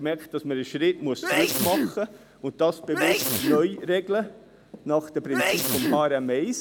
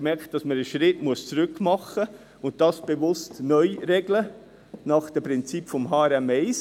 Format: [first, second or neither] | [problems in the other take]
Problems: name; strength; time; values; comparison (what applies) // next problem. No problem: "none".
second | background sound (Sneeze); 1 dB below the speech